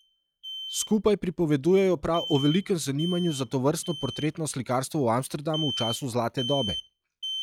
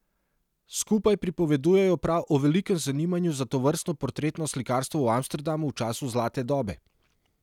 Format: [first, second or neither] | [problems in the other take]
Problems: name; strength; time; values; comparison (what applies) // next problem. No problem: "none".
second | noise reduction (classical method log-MMSE)